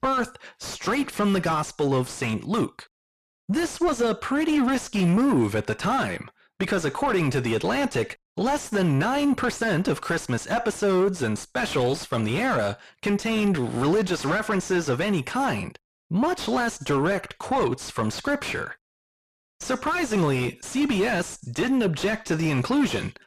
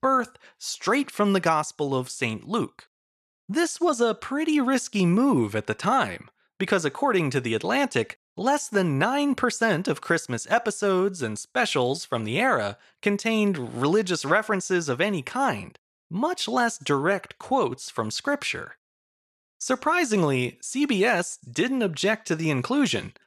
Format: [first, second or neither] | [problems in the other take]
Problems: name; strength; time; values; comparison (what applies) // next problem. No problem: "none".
second | distortion; heavy; 7 dB below the speech